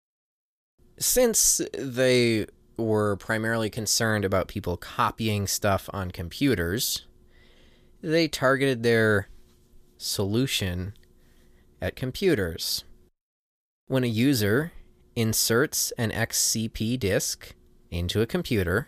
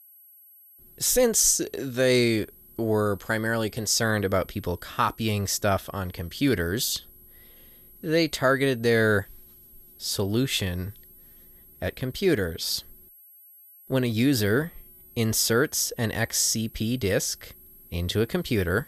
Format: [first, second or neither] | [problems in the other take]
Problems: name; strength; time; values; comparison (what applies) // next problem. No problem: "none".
first | high-pitched whine; faint; throughout; 11.5 kHz, 25 dB below the speech